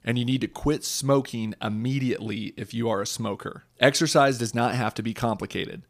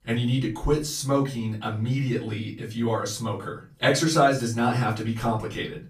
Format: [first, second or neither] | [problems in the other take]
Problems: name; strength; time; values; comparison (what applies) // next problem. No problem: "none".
first | off-mic speech; far // room echo; slight; dies away in 0.3 s